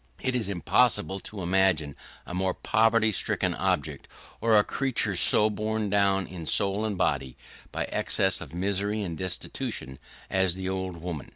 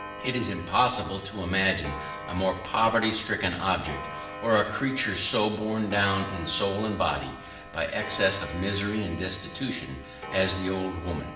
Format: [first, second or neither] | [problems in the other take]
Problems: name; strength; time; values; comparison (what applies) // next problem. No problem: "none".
first | background sound (Clock); 12 dB below the speech // room echo; dies away in 1.4 s